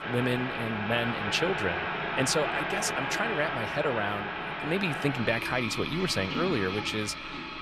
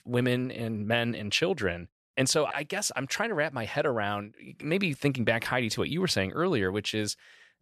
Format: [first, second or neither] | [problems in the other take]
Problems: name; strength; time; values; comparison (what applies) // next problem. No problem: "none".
second | household noises; loud; throughout; 2 dB below the speech